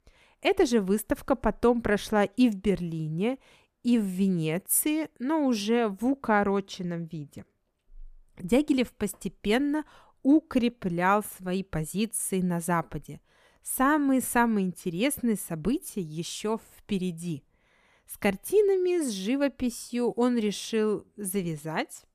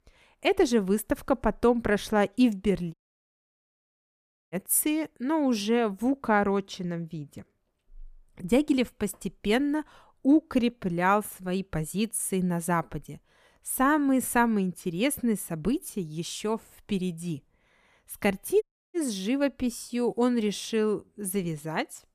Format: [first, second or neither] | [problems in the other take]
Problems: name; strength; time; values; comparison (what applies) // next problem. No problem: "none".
first | audio cutting out; at 3 s for 1.5 s and at 19 s